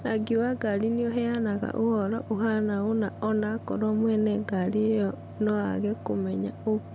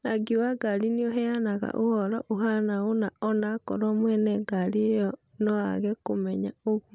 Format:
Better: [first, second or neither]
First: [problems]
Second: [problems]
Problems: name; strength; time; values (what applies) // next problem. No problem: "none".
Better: second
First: background sound (Mechanical fan); 15 dB below the speech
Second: none